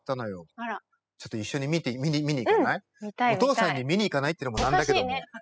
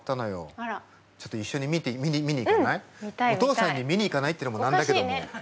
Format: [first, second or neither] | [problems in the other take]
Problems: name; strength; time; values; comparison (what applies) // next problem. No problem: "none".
second | noise reduction (classical method spectral subtraction)